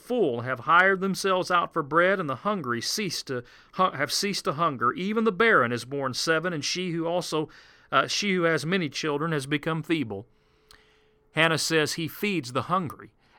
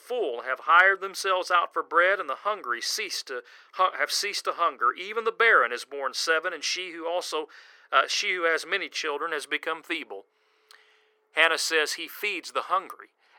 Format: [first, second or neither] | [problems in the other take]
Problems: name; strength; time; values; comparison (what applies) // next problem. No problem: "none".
first | thin; very; fading below 450 Hz